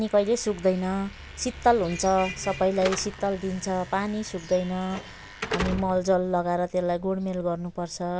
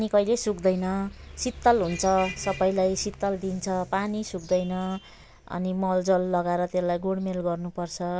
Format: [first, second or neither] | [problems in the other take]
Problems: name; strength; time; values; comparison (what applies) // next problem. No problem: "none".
second | background sound (Slam / Alarm); 14 dB below the speech